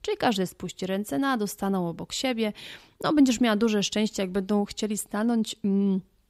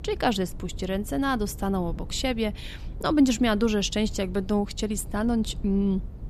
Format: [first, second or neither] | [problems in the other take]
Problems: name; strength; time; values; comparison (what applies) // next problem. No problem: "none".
first | low rumble; faint; throughout; 25 dB below the speech